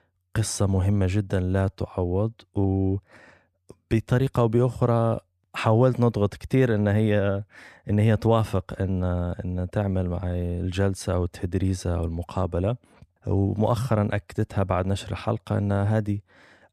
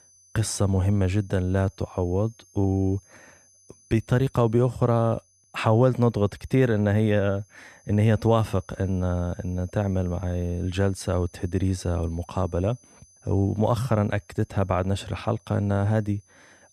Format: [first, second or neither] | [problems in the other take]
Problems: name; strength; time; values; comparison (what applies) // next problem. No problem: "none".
first | high-pitched whine; faint; throughout; 6 kHz, 30 dB below the speech